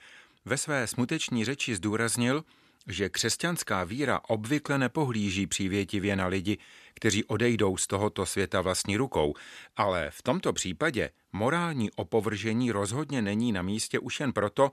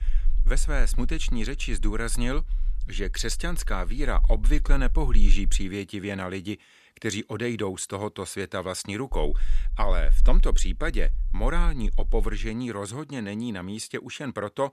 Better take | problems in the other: first | low rumble; faint; until 5.5 s and from 9 to 12 s; 25 dB below the speech

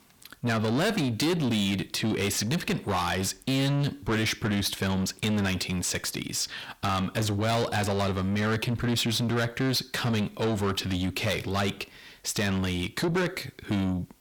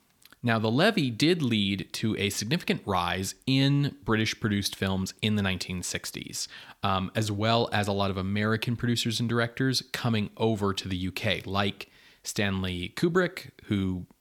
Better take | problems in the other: second | distortion; heavy; 7 dB below the speech

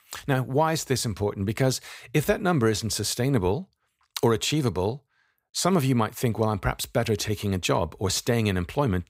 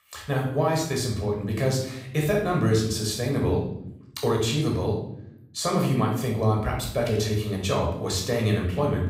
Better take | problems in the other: first | off-mic speech; somewhat distant // room echo; noticeable; dies away in 0.7 s

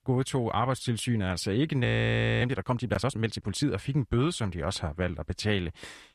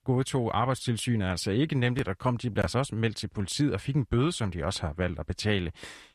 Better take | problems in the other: second | audio freezing; at 2 s for 0.5 s

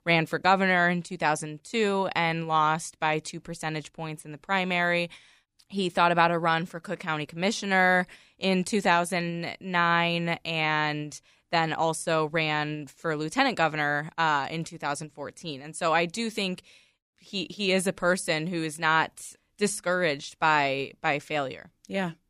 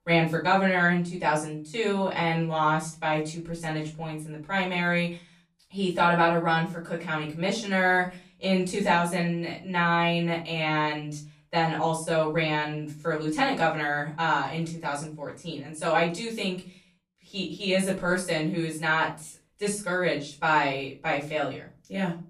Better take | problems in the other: first | off-mic speech; far // room echo; slight; dies away in 0.3 s

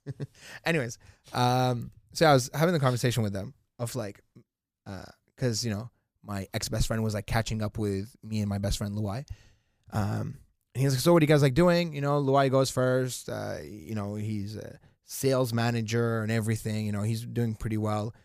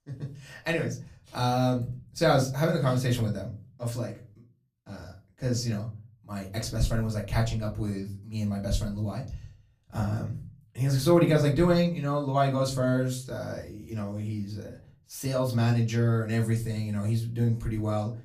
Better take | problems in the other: first | off-mic speech; far // room echo; very slight; dies away in 0.3 s

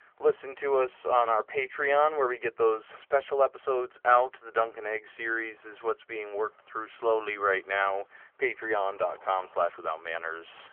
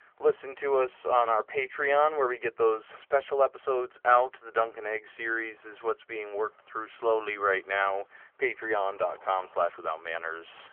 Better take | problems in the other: neither | phone-call audio; nothing above 3.5 kHz; the same in both

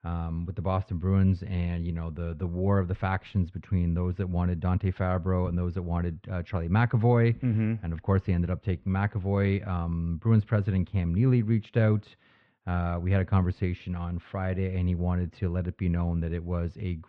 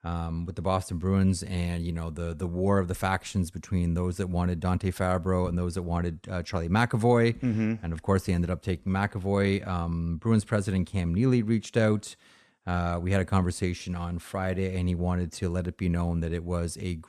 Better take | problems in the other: second | muffled; slightly; fading above 3 kHz

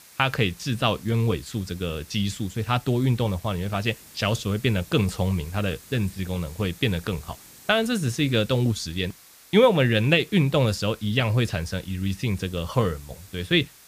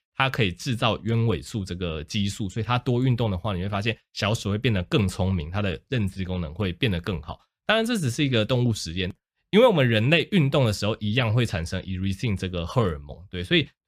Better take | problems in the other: second | hiss; faint; throughout; 20 dB below the speech

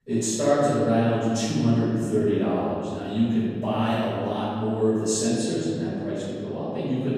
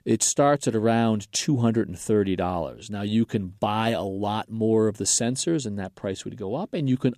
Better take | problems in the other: second | off-mic speech; far // room echo; strong; dies away in 2.1 s

